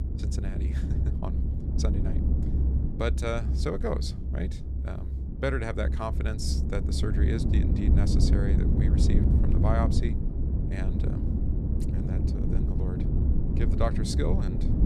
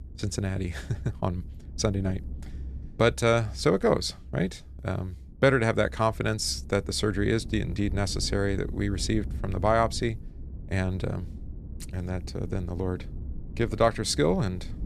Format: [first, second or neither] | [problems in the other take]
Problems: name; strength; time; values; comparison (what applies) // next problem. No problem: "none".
second | low rumble; loud; throughout; 3 dB below the speech; faint in the second